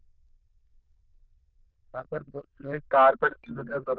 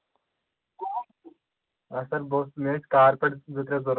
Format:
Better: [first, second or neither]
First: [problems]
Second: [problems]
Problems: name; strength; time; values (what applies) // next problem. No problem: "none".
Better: second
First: noise reduction (neural diffusion model UNIVERSE++)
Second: none